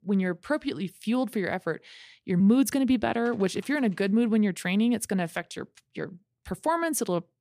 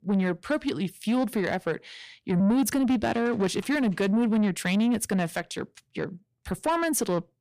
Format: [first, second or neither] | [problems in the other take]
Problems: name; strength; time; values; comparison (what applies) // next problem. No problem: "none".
first | distortion; slight; 10 dB below the speech